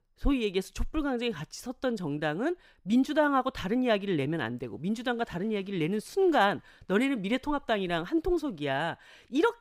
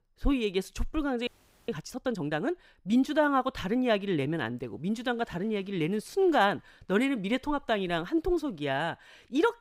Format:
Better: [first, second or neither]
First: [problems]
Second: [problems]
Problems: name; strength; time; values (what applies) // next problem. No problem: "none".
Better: first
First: none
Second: audio freezing; at 1.5 s